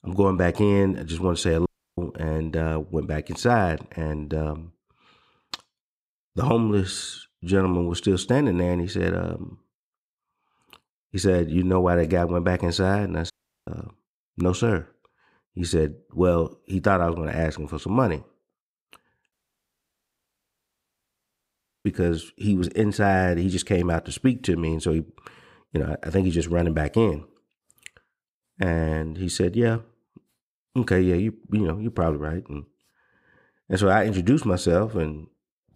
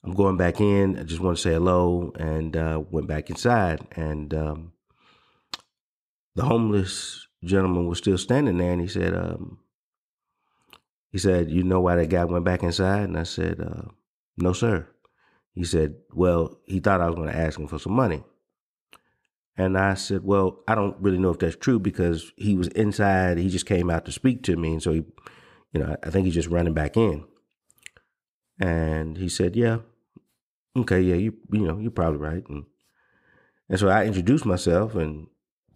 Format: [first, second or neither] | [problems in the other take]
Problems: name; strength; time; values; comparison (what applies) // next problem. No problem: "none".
second | audio cutting out; at 1.5 s, at 13 s and at 19 s for 2.5 s